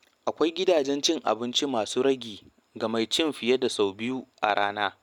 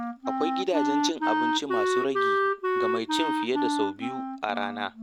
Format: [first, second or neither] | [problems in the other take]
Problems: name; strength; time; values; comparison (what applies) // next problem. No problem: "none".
first | background sound (Wind instrument, woodwind instrument); 4 dB above the speech